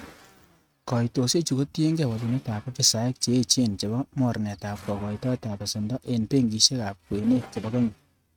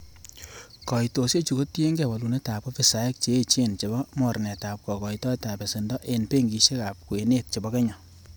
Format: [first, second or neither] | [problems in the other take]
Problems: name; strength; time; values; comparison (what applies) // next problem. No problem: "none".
second | noise reduction (neural mask model RNNoise)